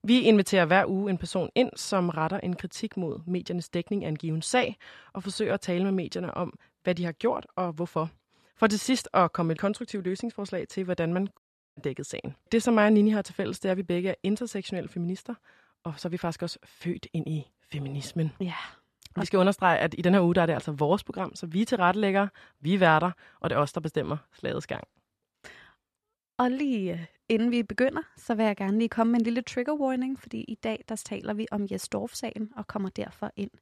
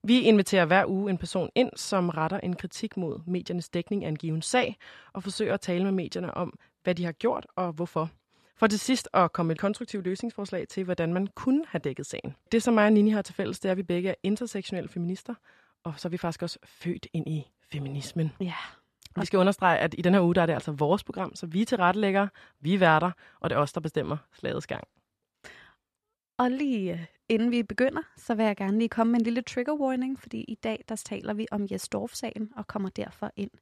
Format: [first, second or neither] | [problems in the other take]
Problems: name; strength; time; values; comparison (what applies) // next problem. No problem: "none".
second | audio cutting out; at 11 s